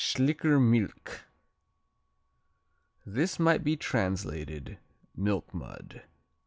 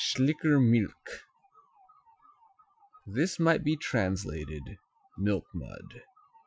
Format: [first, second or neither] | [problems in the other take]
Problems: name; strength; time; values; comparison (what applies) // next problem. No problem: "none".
first | noise reduction (classical method Wiener filter)